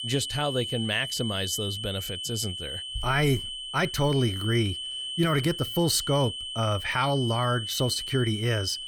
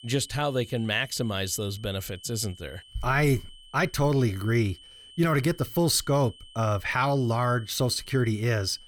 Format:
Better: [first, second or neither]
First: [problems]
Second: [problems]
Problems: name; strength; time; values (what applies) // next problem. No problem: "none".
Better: second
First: high-pitched whine; loud; throughout; 3 kHz, 5 dB below the speech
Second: high-pitched whine; faint; throughout; 3 kHz, 20 dB below the speech